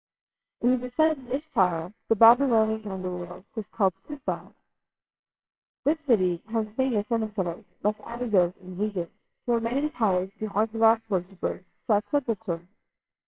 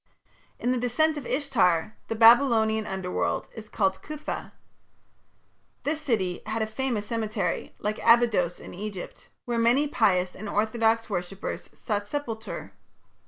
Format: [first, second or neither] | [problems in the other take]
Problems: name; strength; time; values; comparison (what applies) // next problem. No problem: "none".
second | noise reduction (neural separator model SepFormer WHAMR!)